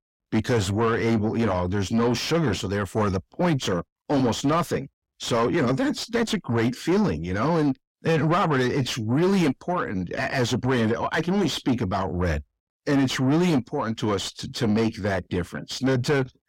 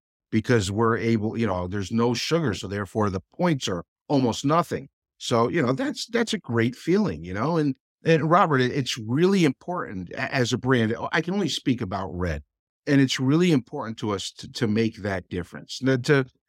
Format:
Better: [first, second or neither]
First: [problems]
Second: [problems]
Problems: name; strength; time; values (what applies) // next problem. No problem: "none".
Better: second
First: distortion; heavy; 7 dB below the speech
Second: none